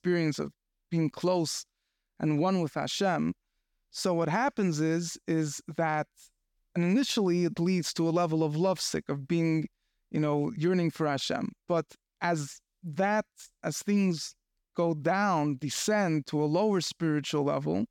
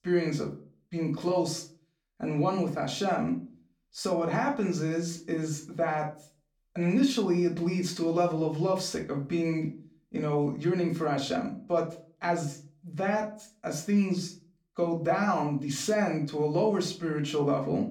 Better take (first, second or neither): first